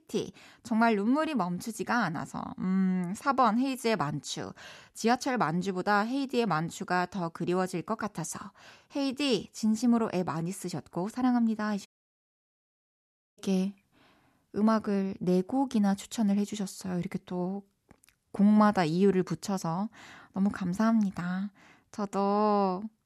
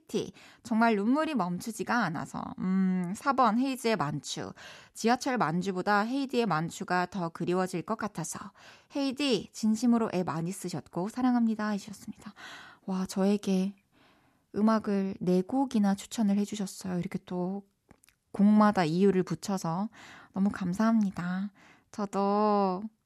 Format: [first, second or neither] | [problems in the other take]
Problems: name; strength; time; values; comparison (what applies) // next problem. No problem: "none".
second | audio cutting out; at 12 s for 1.5 s